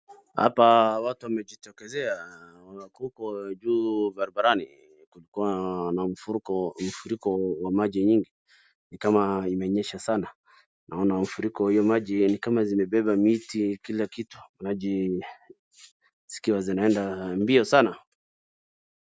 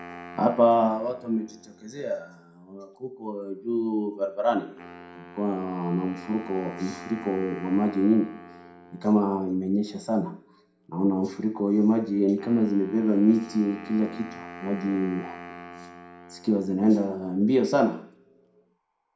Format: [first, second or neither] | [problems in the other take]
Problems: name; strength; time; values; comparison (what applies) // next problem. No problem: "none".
first | background sound (Wind instrument, woodwind instrument); 19 dB below the speech // room echo; dies away in 0.5 s